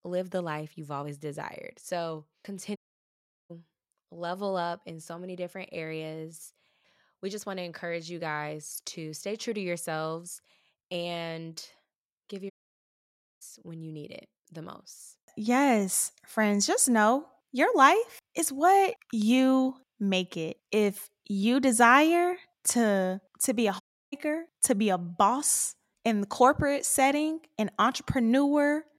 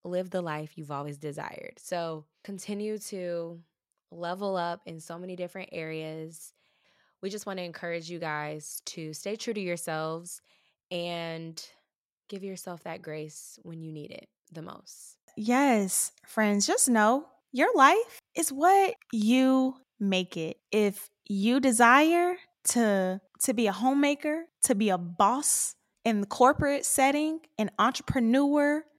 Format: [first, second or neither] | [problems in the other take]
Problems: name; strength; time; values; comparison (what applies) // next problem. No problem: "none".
second | audio cutting out; at 3 s for 0.5 s, at 13 s for 1 s and at 24 s